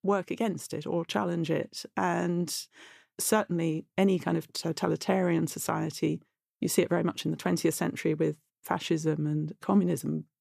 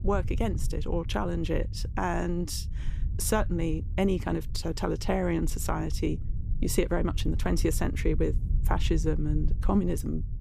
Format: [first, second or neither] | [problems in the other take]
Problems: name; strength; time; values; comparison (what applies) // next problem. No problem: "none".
first | low rumble; noticeable; throughout; 20 dB below the speech